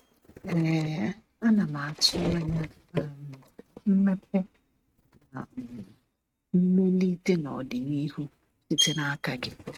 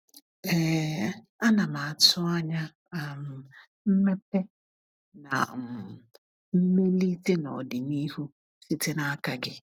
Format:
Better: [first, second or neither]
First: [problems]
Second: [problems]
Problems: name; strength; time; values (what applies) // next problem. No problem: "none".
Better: second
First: noise reduction (neural mask model RNNoise)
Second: none